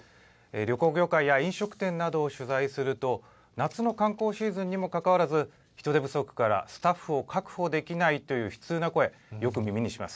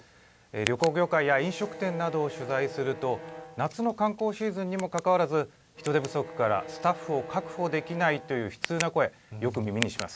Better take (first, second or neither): first